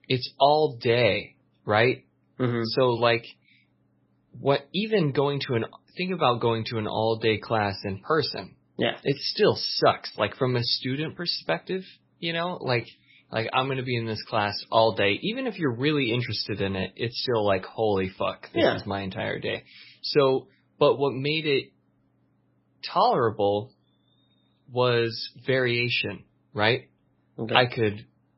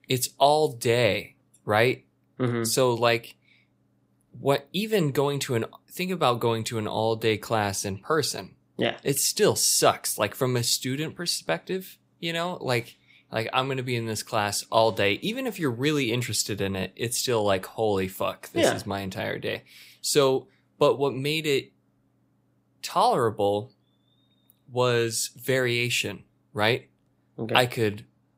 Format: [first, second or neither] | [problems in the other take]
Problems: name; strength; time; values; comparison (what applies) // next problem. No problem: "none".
second | garbled, watery; badly; nothing above 5.5 kHz